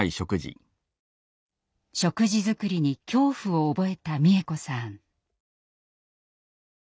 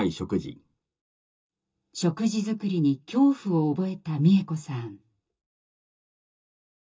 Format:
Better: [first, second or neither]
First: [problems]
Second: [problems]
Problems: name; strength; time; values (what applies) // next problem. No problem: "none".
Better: first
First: none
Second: room echo; dies away in 0.2 s